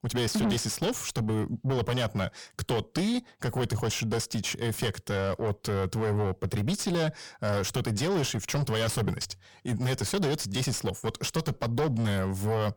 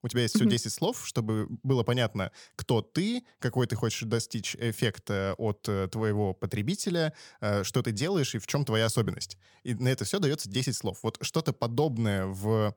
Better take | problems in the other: second | distortion; heavy; 5 dB below the speech

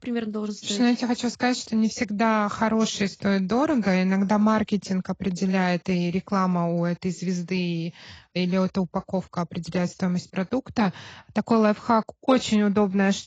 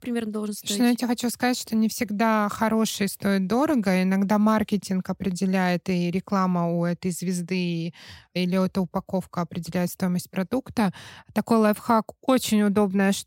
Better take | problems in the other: second | garbled, watery; badly; nothing above 7.5 kHz

